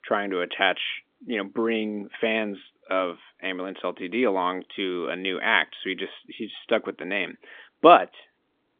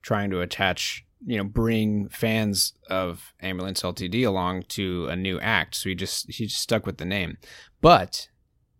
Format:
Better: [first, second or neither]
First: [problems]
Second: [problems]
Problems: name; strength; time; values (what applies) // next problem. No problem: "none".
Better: second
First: phone-call audio; nothing above 3.5 kHz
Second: none